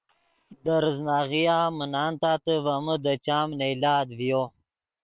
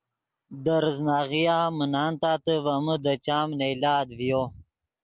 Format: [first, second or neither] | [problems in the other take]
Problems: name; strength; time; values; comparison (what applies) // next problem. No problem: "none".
second | noise reduction (neural separator model SepFormer WHAM!)